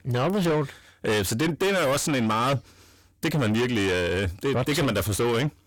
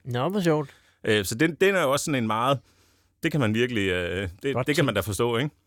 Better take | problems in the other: second | distortion; heavy; 6 dB below the speech

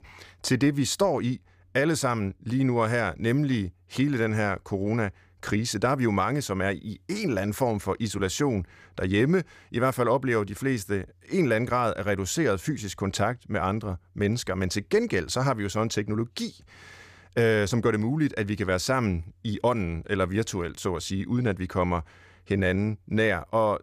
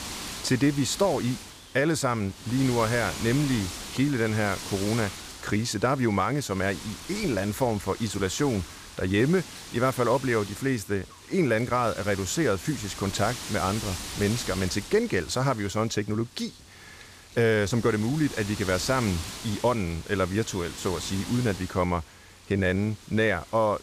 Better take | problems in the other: first | wind noise on the microphone; occasional gusts; 10 dB below the speech

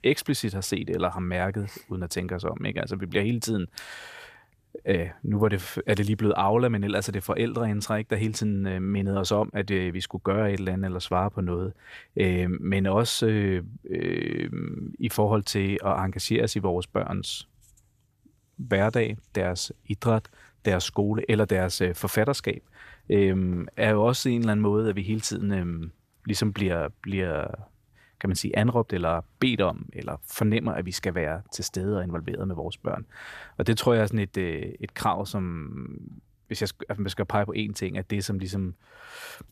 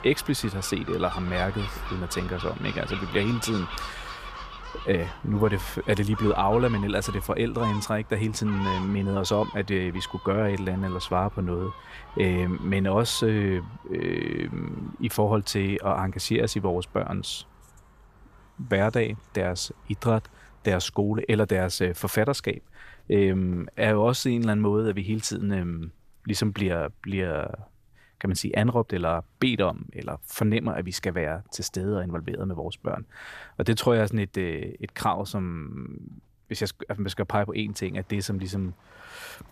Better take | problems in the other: first | animal sounds; noticeable; throughout; 10 dB below the speech

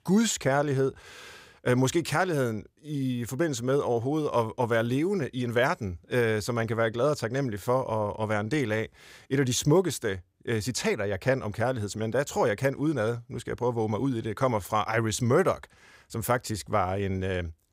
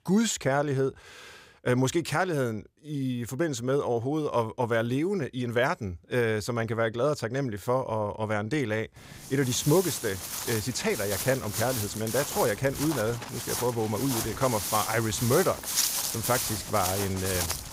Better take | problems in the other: first | footsteps; loud; from 9.5 s on; peak 4 dB above the speech

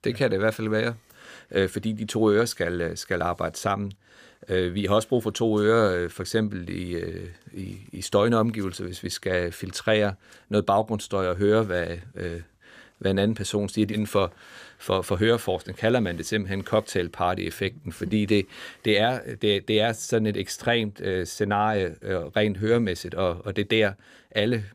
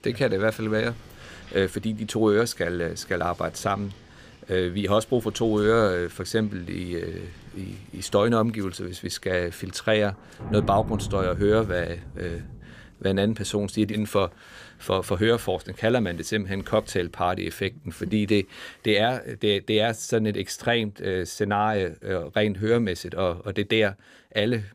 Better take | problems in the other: first | rain or running water; noticeable; throughout; 15 dB below the speech

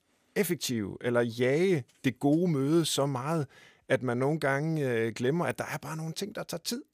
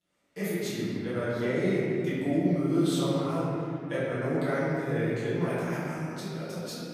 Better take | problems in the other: first | off-mic speech; far // room echo; strong; dies away in 2.7 s

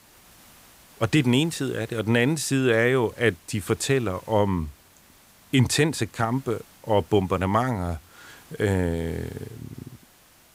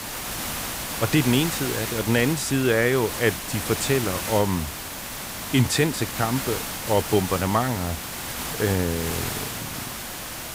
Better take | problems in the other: first | hiss; loud; throughout; 5 dB below the speech; faint in the first

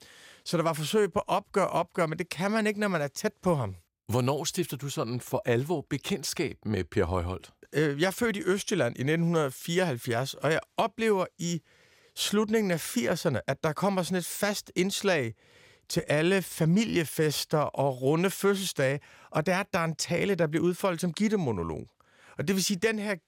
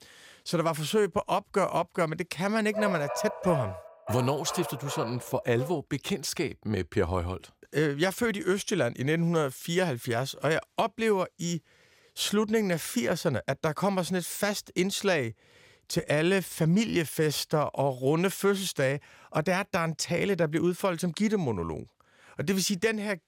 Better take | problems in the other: first | dog barking; noticeable; from 2.5 to 6 s; peak 4 dB below the speech

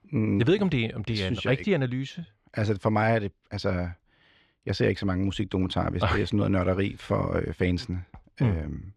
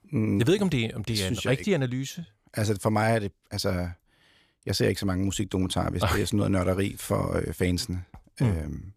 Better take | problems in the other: second | muffled; very slightly; fading above 3 kHz

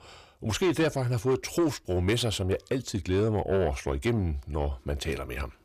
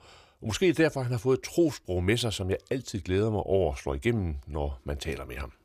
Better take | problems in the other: second | distortion; slight; 10 dB below the speech

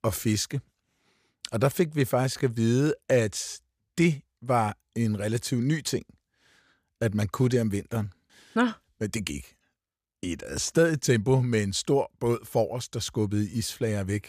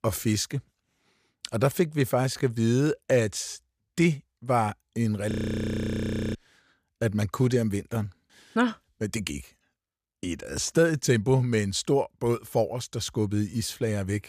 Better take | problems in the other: first | audio freezing; at 5.5 s for 1 s

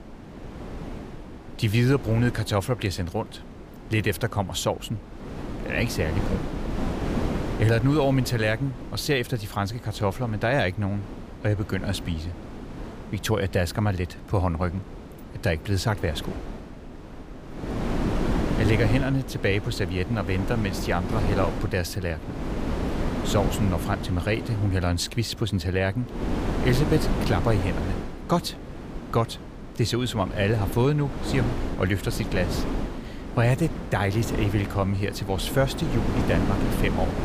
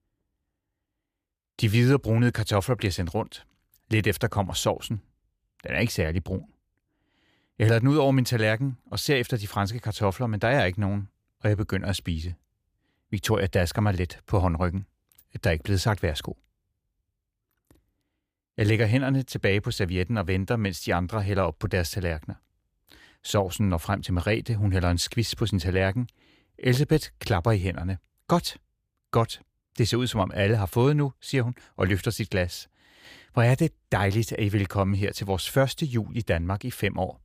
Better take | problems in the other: second | wind noise on the microphone; heavy; 7 dB below the speech

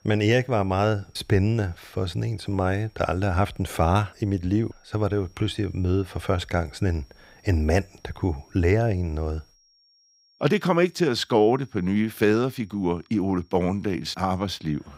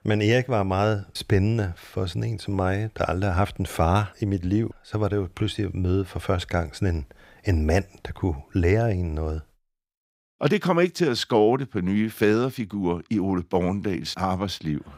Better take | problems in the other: second | high-pitched whine; faint; throughout; 5.5 kHz, 35 dB below the speech

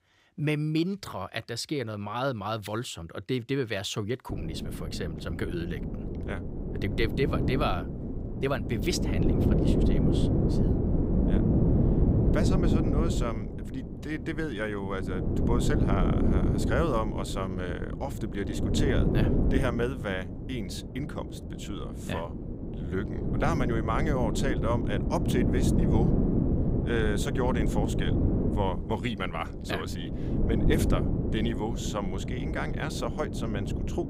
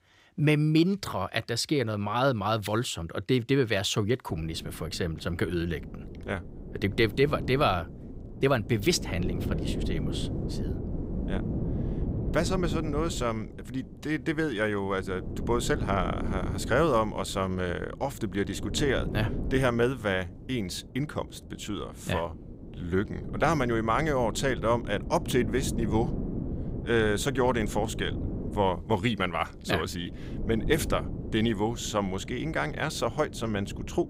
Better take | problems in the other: second | wind noise on the microphone; heavy; from 4.5 s on; 2 dB below the speech; occasional gusts in the second

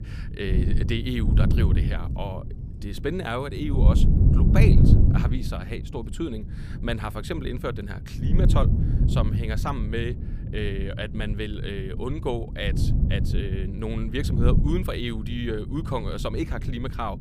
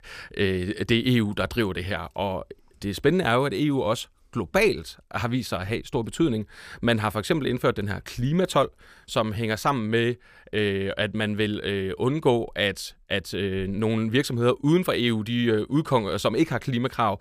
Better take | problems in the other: second | wind noise on the microphone; heavy; 4 dB below the speech

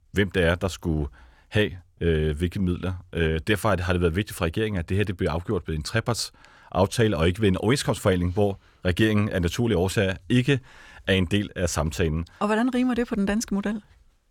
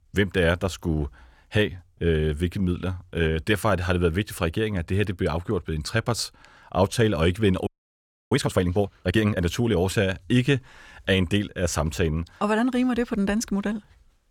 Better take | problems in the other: first | audio freezing; at 7.5 s for 0.5 s

